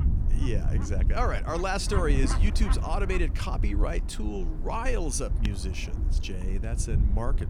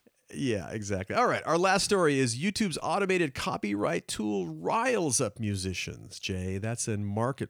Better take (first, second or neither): second